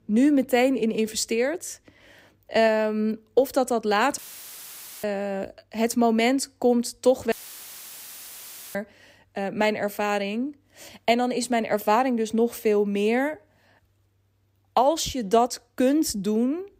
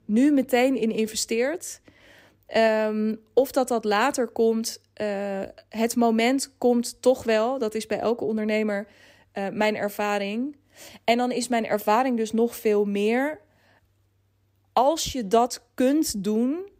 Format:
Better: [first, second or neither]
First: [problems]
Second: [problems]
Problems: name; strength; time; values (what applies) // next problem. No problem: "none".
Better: second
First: audio cutting out; filled with static; at 4 s for 1 s and at 7.5 s for 1.5 s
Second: none